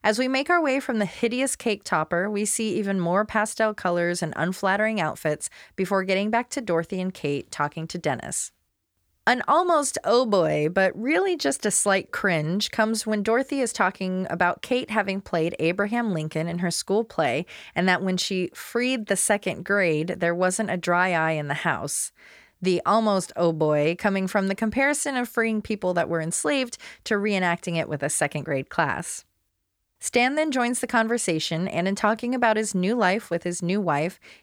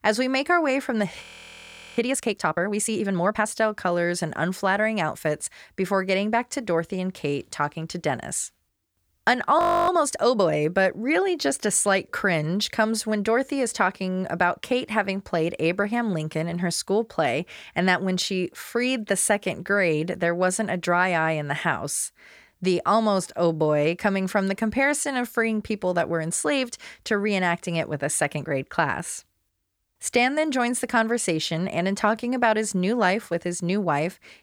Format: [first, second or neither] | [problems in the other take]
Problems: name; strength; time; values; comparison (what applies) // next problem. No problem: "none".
first | audio freezing; at 1 s for 1 s and at 9.5 s